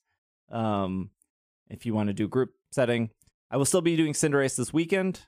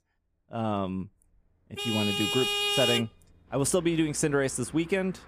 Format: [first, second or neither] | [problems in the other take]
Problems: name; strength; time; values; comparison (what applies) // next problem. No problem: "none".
first | traffic noise; very loud; throughout; 2 dB above the speech